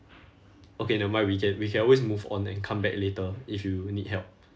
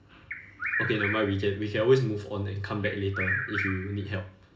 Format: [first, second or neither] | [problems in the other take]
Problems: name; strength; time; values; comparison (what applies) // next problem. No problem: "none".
first | background sound (Bird vocalization, bird call, bird song); 6 dB below the speech // room echo; dies away in 1.4 s